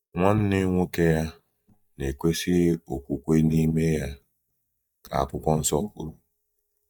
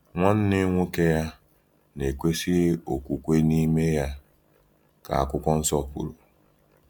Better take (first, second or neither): second